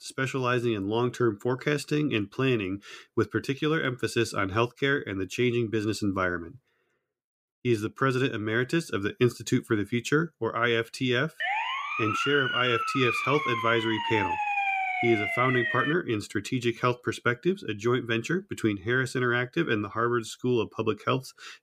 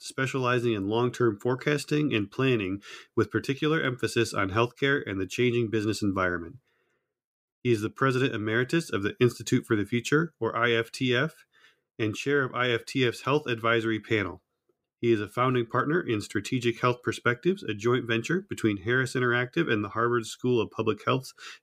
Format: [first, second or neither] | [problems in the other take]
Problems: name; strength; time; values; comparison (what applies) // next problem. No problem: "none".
second | siren; loud; from 11 to 16 s; peak 1 dB above the speech